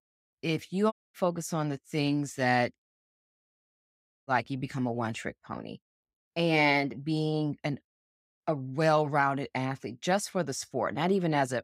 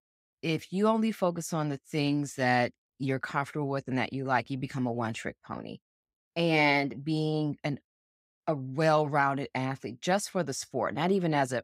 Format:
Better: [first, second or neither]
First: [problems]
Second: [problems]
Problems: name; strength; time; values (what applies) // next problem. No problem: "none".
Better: second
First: audio cutting out; at 1 s and at 3 s for 1.5 s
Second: none